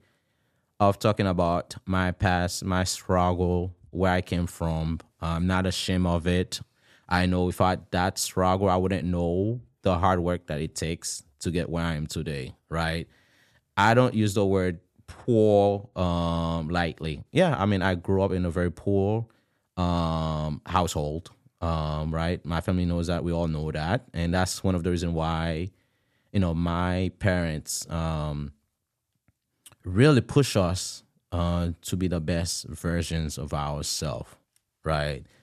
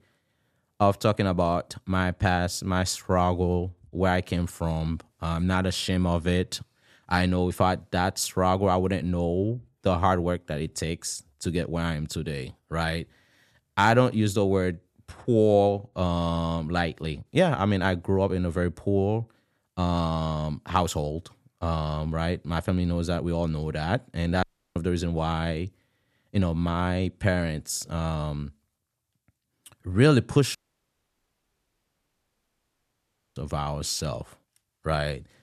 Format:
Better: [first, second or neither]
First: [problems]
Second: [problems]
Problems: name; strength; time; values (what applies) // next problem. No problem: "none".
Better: first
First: none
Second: audio cutting out; at 24 s and at 31 s for 3 s